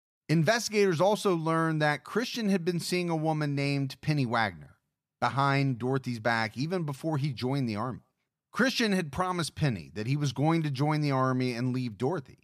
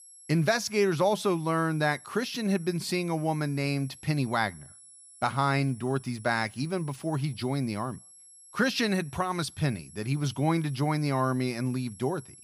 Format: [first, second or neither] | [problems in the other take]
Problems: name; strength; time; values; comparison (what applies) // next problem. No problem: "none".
first | high-pitched whine; faint; throughout; 11 kHz, 20 dB below the speech